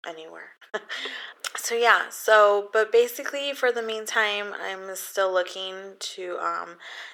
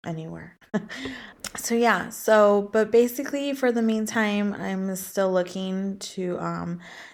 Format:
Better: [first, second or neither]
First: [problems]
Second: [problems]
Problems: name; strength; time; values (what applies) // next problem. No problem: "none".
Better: second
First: thin; very; fading below 400 Hz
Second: none